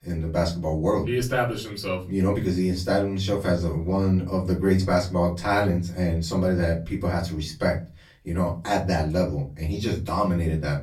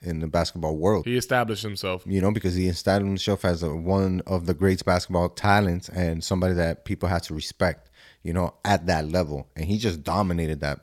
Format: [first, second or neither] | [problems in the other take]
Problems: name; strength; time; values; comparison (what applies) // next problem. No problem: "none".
second | off-mic speech; far // room echo; very slight; dies away in 0.3 s